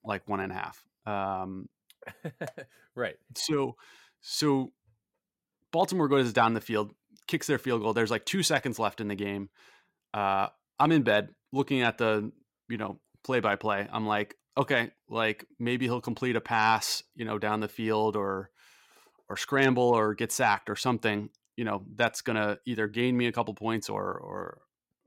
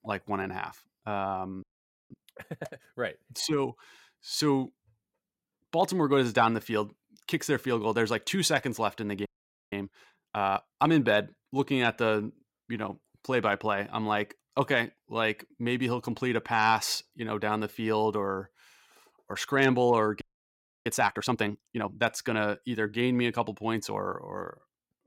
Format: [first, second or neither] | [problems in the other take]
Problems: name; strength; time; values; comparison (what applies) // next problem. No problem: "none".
first | audio freezing; at 1.5 s, at 9.5 s and at 20 s for 0.5 s